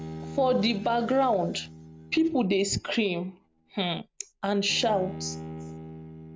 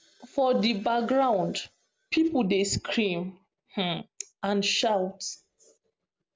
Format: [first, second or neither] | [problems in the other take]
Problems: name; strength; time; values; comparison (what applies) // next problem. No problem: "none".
second | background sound (Bowed string instrument); 14 dB below the speech